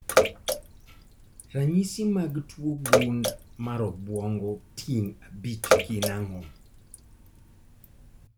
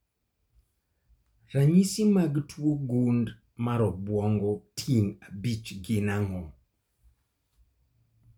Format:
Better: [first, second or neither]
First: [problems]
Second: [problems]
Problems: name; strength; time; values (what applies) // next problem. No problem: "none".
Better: second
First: background sound (Bathtub (filling or washing) / Water / Splash, splatter); 1 dB above the speech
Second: none